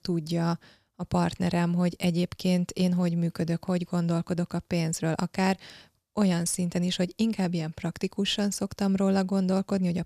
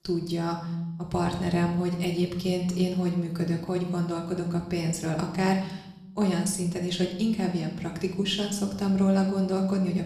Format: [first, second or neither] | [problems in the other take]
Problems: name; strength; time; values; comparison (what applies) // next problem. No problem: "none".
first | room echo; slight; dies away in 0.9 s // off-mic speech; far